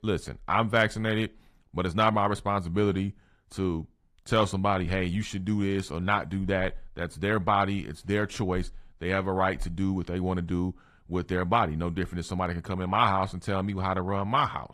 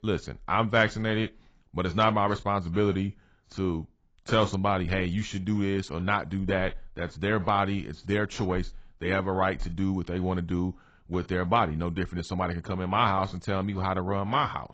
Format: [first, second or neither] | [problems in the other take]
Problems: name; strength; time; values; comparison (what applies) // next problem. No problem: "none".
first | garbled, watery; badly; nothing above 7.5 kHz; slightly in the first